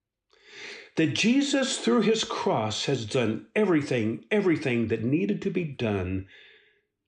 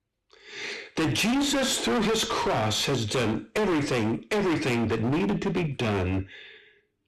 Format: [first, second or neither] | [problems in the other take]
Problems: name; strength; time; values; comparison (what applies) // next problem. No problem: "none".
first | distortion; heavy; 29% of the sound clipped